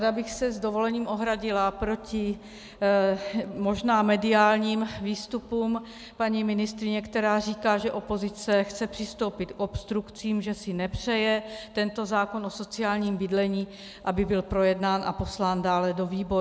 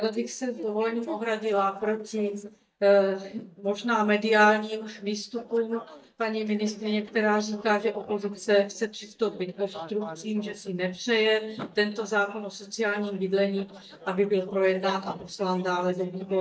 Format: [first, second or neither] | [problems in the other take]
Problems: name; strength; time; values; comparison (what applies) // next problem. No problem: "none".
first | noise reduction (neural mask model DeepFilterNet 3)